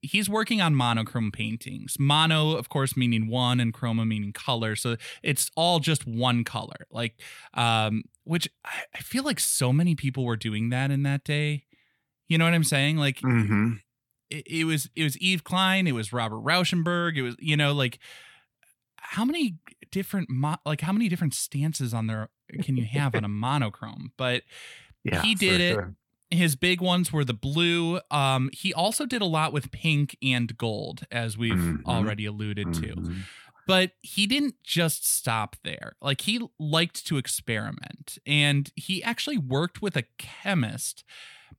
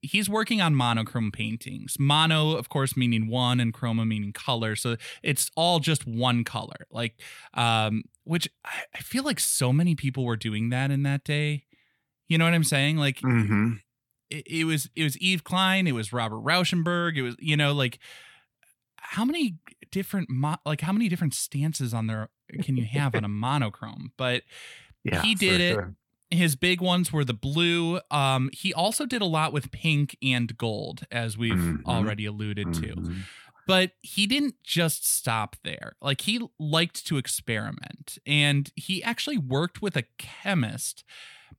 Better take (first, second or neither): neither